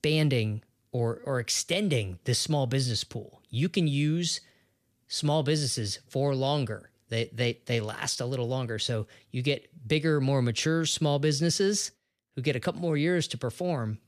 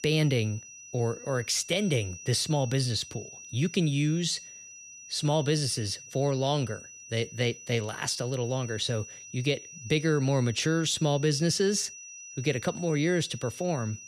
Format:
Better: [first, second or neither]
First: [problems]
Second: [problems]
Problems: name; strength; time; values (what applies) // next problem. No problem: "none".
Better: first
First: none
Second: high-pitched whine; noticeable; throughout; 6 kHz, 15 dB below the speech